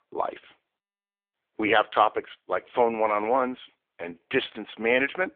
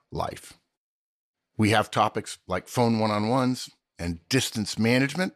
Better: second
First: phone-call audio; poor line; nothing above 3.5 kHz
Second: none

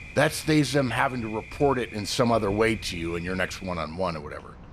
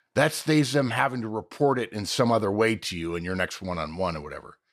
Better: second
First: rain or running water; noticeable; throughout; 15 dB below the speech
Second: none

